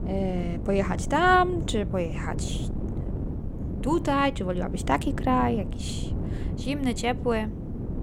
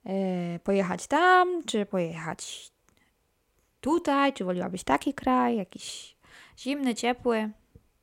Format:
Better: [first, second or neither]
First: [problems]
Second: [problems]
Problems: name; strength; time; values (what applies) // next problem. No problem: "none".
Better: second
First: wind noise on the microphone; occasional gusts; 15 dB below the speech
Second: none